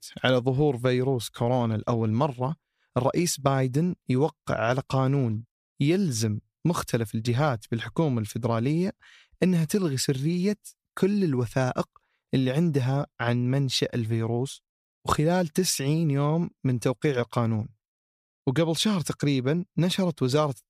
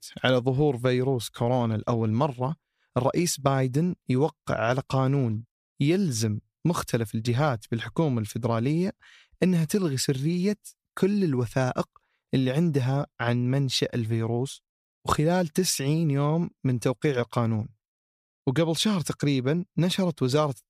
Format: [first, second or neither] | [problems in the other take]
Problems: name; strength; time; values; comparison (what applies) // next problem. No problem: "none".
neither | none